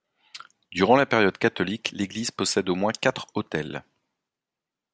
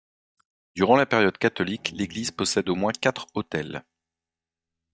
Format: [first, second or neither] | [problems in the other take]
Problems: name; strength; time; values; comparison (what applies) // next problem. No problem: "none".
first | noise reduction (neural mask model DeepFilterNet 3)